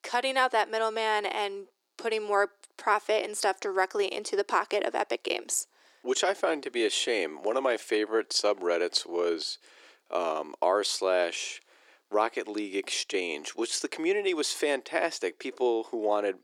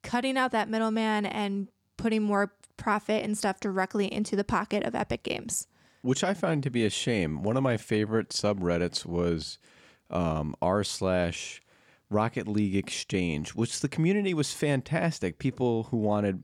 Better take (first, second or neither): second